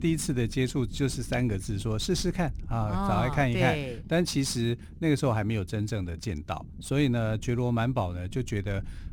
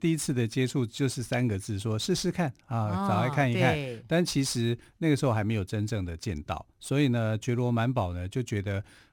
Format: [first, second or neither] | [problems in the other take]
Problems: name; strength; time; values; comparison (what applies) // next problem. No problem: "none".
second | low rumble; faint; throughout; 25 dB below the speech